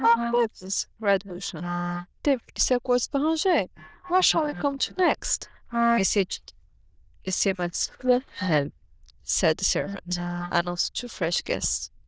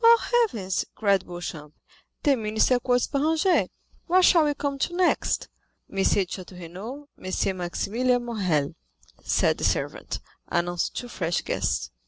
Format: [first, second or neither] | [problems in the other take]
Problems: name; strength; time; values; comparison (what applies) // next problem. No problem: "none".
second | noise reduction (neural diffusion model UNIVERSE++)